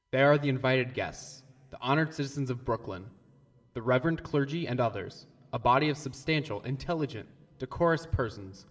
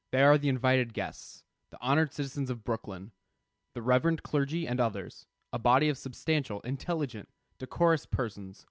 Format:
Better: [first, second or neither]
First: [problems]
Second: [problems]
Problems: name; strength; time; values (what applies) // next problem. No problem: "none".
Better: second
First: room echo; dies away in 2.3 s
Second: none